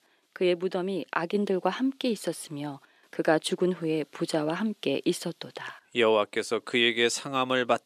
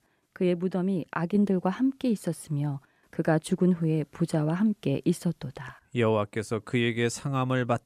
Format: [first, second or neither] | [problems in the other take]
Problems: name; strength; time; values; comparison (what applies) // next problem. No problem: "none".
second | thin; somewhat; fading below 350 Hz